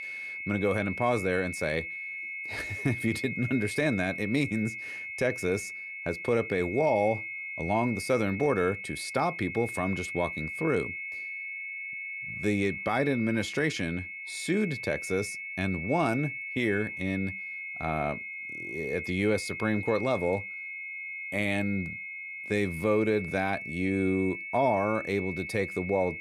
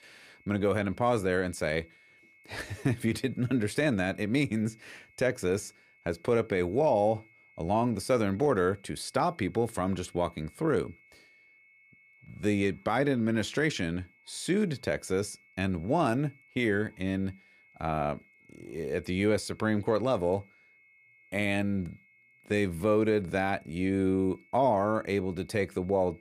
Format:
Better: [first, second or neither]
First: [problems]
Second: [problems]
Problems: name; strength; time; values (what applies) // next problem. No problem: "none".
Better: second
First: high-pitched whine; loud; throughout; 2 kHz, 6 dB below the speech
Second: high-pitched whine; faint; throughout; 2 kHz, 30 dB below the speech